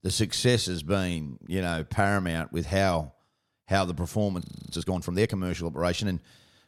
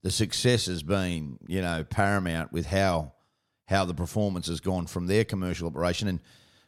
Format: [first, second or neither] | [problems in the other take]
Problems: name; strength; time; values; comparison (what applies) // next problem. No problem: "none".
second | audio freezing; at 4.5 s